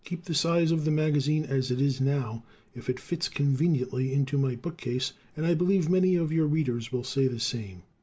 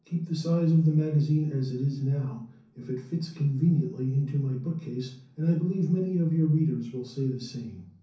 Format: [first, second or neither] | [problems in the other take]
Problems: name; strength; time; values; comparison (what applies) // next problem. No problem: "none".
first | room echo; dies away in 0.6 s